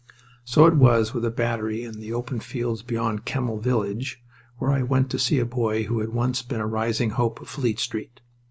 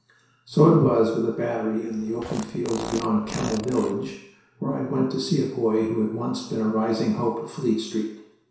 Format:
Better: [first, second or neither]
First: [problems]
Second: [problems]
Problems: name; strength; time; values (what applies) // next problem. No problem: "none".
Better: first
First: none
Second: background sound (Fart); 12 dB below the speech // room echo; dies away in 0.7 s